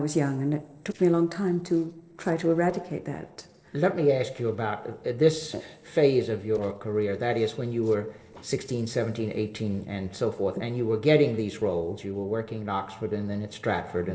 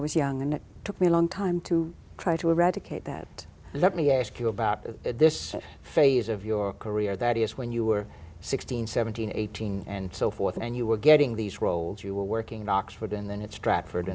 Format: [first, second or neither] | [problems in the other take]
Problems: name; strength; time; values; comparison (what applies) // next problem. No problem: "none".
second | noise reduction (neural separator model SepFormer DNS4)